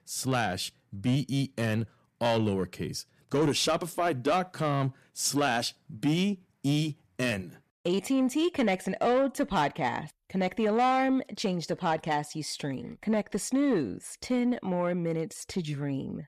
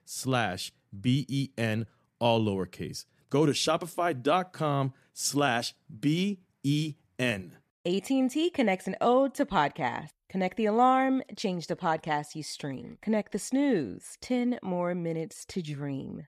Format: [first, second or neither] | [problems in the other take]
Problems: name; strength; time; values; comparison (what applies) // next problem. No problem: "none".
second | distortion; slight; 10 dB below the speech